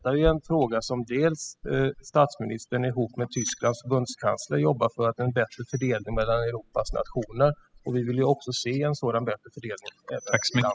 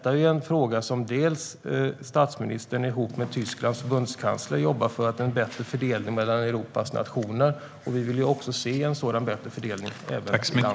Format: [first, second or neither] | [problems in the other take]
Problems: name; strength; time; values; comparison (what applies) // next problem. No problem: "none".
second | noise reduction (classical method spectral subtraction)